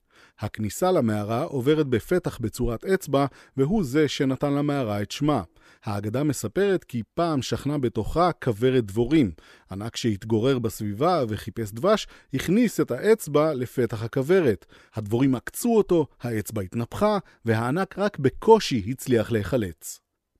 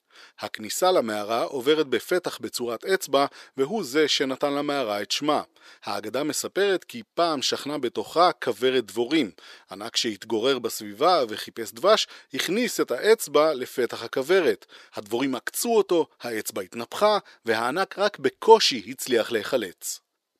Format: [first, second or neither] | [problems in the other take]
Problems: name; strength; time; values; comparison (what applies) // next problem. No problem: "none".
first | thin; somewhat; fading below 450 Hz